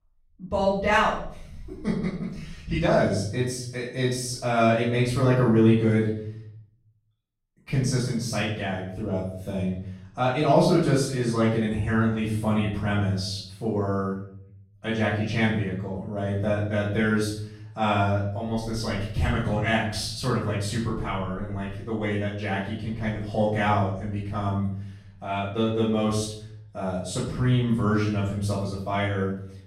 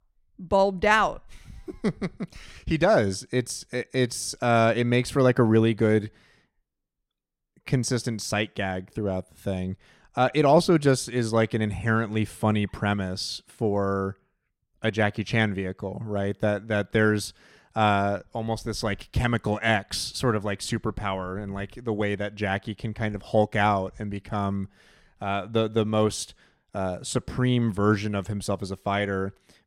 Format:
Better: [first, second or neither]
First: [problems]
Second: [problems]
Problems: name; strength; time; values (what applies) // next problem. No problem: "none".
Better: second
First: off-mic speech; far // room echo; noticeable; dies away in 0.6 s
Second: none